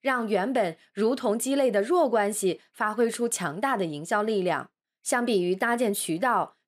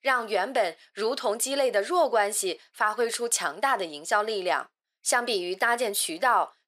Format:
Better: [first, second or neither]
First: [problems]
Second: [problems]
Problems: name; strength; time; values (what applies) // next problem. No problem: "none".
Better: first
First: none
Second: thin; somewhat; fading below 550 Hz